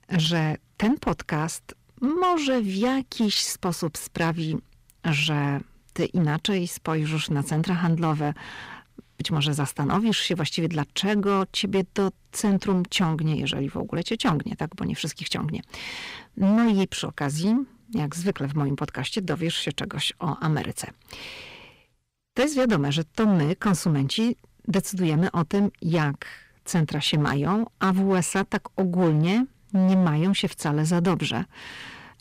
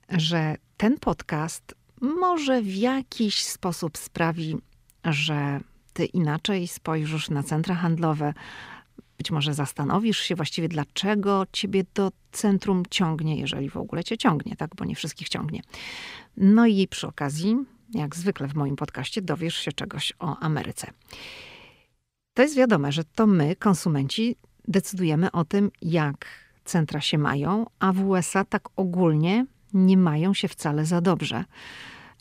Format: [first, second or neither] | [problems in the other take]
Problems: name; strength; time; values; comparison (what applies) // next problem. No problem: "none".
second | distortion; slight; 7% of the sound clipped